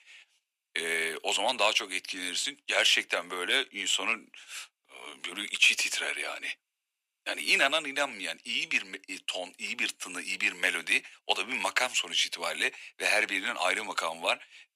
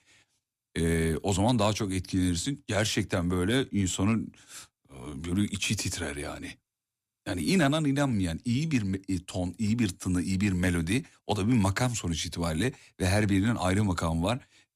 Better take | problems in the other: second | thin; very; fading below 500 Hz

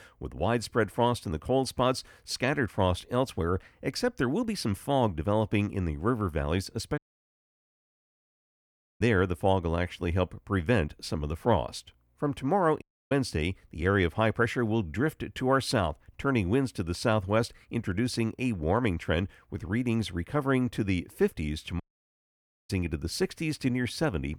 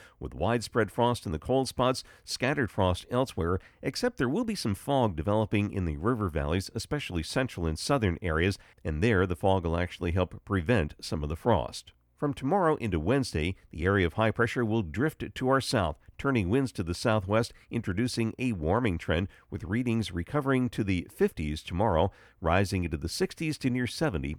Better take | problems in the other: second | audio cutting out; at 7 s for 2 s, at 13 s and at 22 s for 1 s

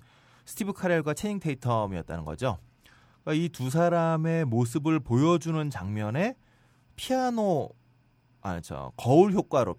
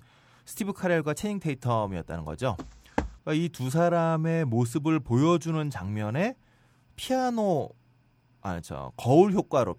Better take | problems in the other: first | footsteps; noticeable; at 2.5 s; peak 6 dB below the speech

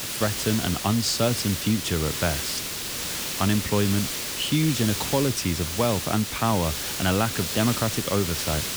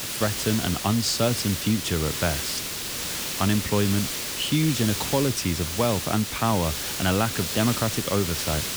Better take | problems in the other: neither | hiss; loud; throughout; 3 dB below the speech; the same in both

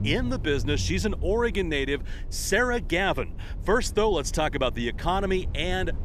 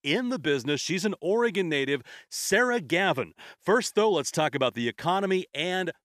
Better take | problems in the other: second | low rumble; faint; throughout; 20 dB below the speech

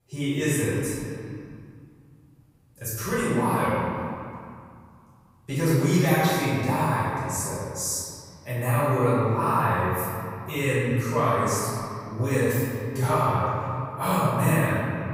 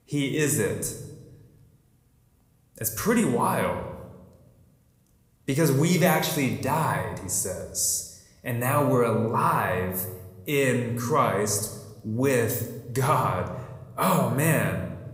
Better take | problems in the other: second | room echo; strong; dies away in 2.4 s; slight in the second // off-mic speech; far

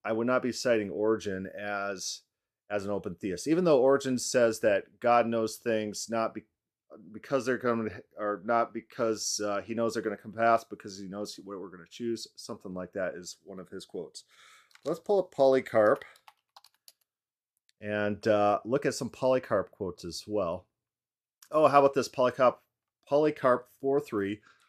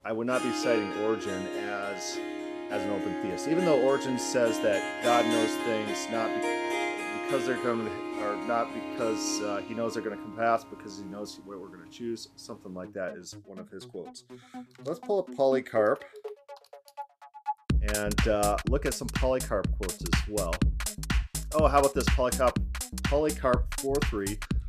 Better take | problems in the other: first | background music; loud; throughout; 2 dB below the speech

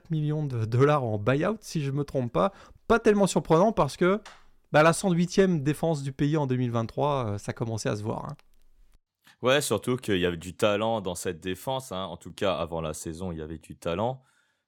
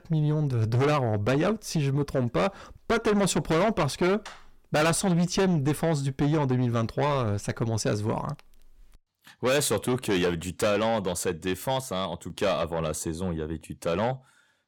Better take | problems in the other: first | distortion; heavy; 7 dB below the speech

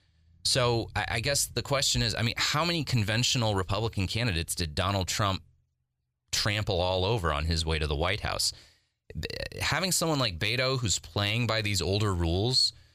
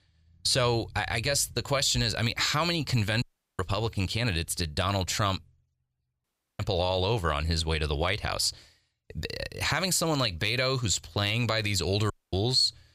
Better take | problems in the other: first | audio cutting out; at 3 s, at 6 s and at 12 s

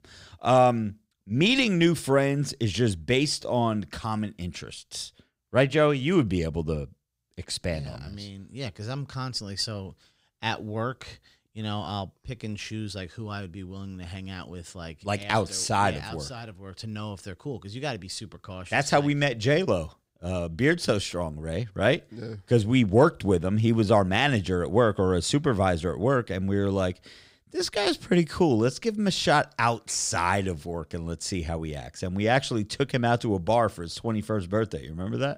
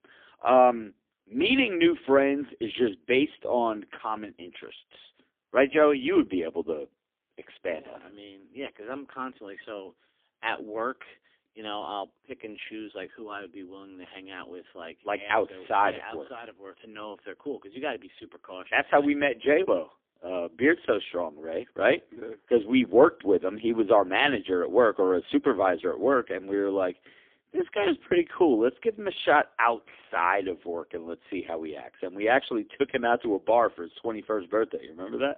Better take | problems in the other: first | phone-call audio; poor line; nothing above 3.5 kHz

